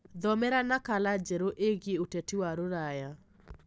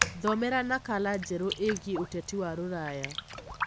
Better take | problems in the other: first | background sound (Raindrop); 5 dB below the speech

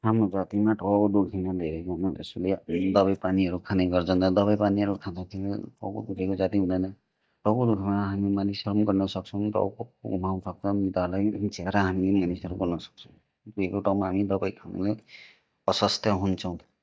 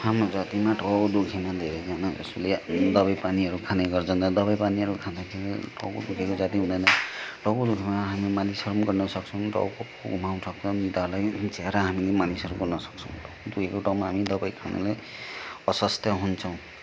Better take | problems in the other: second | noise reduction (neural mask model DeepFilterNet 3)

